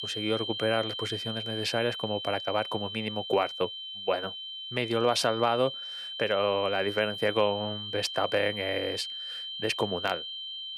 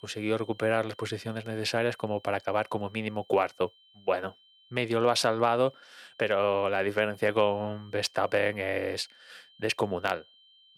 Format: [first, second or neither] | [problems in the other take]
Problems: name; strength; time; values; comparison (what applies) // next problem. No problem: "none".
second | high-pitched whine; loud; throughout; 3 kHz, 5 dB below the speech; faint in the second